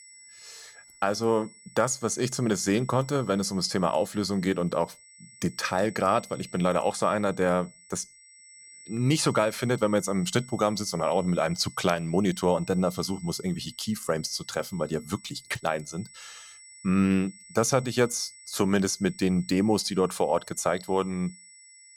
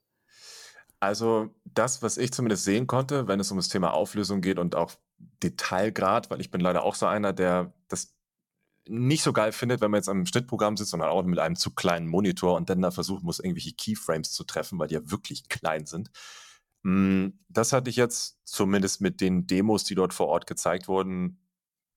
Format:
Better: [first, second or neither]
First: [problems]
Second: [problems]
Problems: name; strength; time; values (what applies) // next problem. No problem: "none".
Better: second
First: high-pitched whine; faint; throughout; 8 kHz, 20 dB below the speech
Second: none